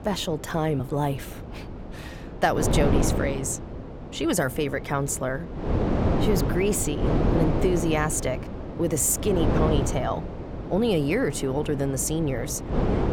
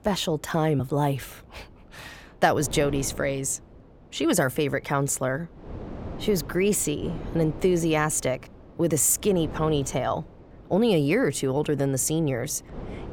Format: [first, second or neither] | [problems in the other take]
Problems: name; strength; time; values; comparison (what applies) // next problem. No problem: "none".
second | wind noise on the microphone; heavy; 5 dB below the speech; occasional gusts in the second